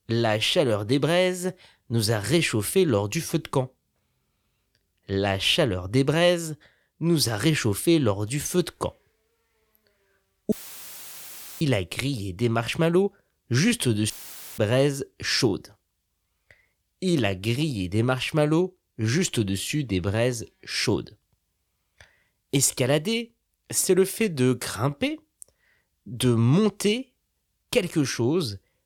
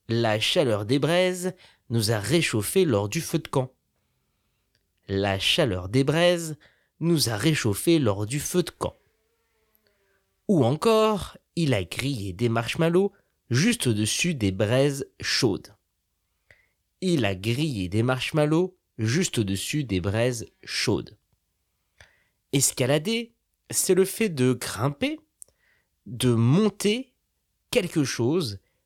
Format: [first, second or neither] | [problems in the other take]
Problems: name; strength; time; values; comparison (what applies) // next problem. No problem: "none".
second | audio cutting out; filled with static; at 11 s for 1 s and at 14 s